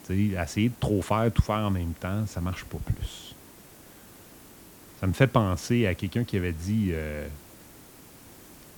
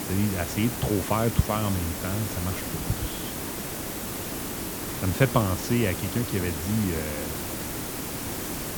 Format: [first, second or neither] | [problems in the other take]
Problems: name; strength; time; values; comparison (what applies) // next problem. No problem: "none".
first | hiss; loud; throughout; 3 dB below the speech; faint in the first